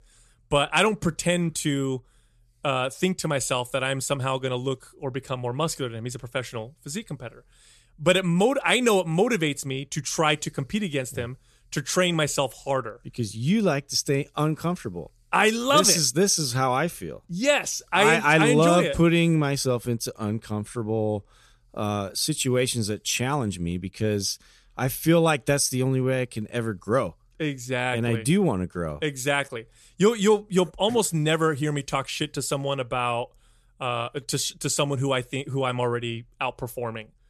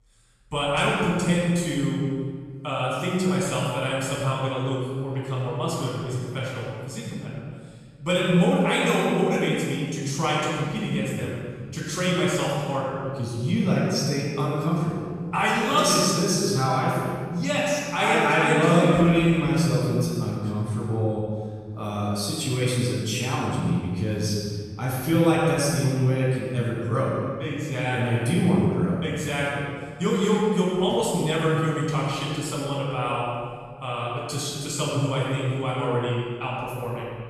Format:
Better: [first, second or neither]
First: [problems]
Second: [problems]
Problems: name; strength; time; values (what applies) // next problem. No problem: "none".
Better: first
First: none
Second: off-mic speech; far // room echo; strong; dies away in 1.9 s